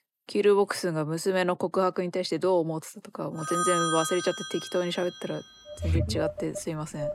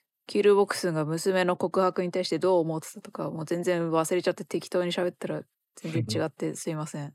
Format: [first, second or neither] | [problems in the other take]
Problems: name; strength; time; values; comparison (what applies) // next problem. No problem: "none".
second | alarms or sirens; loud; from 3.5 s on; 3 dB below the speech